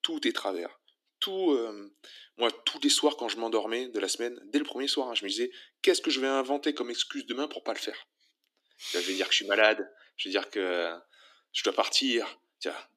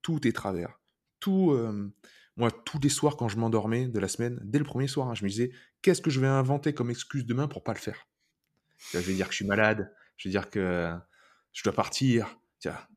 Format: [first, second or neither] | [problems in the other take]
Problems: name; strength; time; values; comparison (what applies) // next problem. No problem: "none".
second | thin; somewhat; fading below 300 Hz